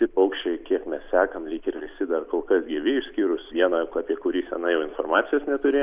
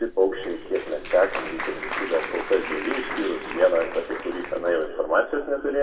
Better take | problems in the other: first | background sound (Applause); 10 dB below the speech // room echo; dies away in 1 s

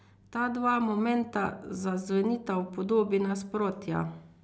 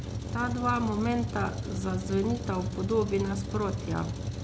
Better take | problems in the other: first | background sound (Truck); 3 dB below the speech

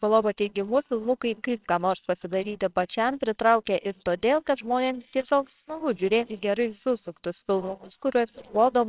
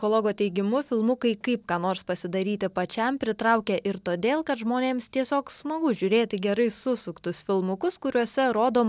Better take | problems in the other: second | noise reduction (neural separator model SepFormer WHAMR!)

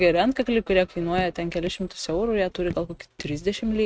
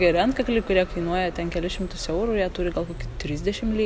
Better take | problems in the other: second | noise reduction (neural mask model RNNoise)

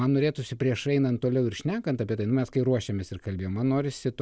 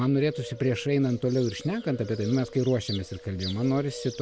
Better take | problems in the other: first | background sound (Bird); 14 dB below the speech

